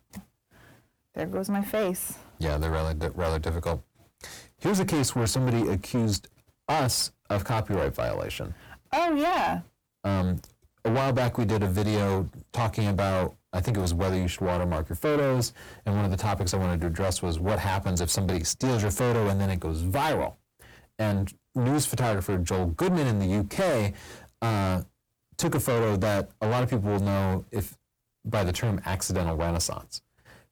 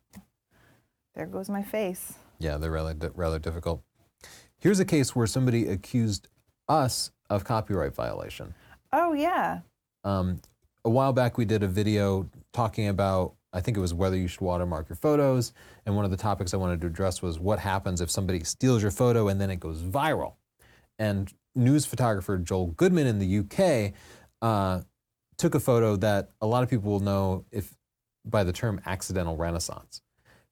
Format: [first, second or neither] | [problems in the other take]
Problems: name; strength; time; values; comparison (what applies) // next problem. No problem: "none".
second | distortion; heavy; 6 dB below the speech